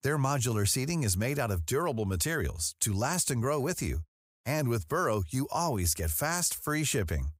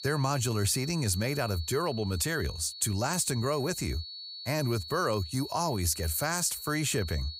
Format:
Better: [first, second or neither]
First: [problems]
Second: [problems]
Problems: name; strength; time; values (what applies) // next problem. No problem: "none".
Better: first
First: none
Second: high-pitched whine; noticeable; throughout; 4.5 kHz, 10 dB below the speech